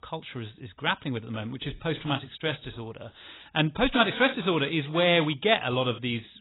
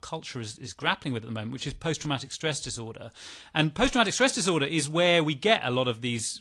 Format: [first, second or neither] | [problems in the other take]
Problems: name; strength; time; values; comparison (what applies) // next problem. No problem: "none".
second | garbled, watery; badly; nothing above 4 kHz; slightly in the second